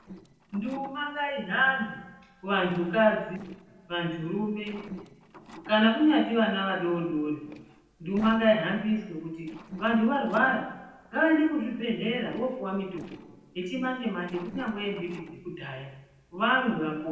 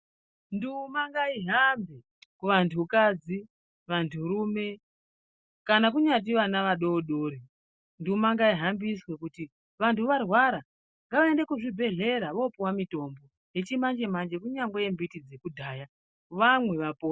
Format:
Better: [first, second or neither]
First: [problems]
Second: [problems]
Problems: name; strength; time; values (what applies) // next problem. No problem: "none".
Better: second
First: noise reduction (neural separator model SepFormer DNS4)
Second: none